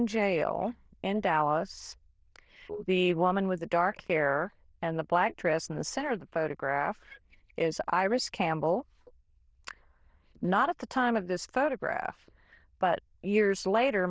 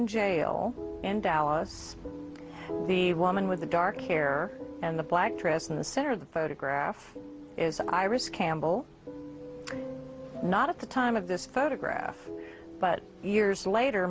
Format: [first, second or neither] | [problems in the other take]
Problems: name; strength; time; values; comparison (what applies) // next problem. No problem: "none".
second | noise reduction (neural diffusion model UNIVERSE++)